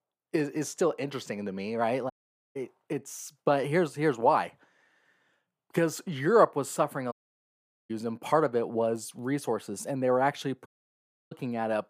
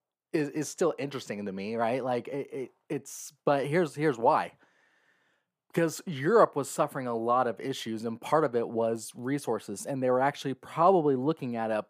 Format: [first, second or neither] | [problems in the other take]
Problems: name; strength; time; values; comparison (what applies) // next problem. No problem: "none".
second | audio cutting out; at 2 s, at 7 s for 1 s and at 11 s for 0.5 s